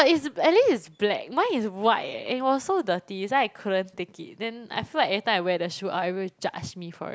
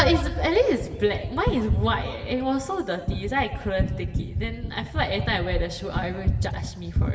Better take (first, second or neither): first